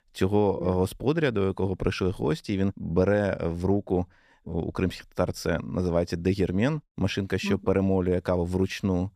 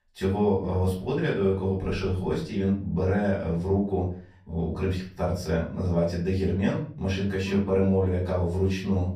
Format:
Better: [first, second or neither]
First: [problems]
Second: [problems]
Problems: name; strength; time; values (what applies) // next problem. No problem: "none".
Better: first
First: none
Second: off-mic speech; far // room echo; slight; dies away in 0.4 s